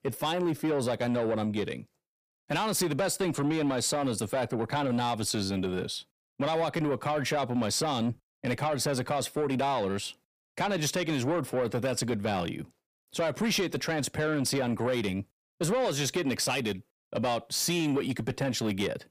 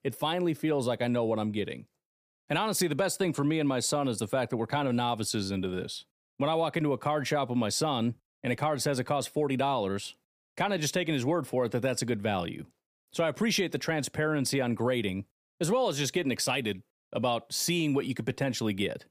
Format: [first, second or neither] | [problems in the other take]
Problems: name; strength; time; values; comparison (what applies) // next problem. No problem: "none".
second | distortion; slight; 10 dB below the speech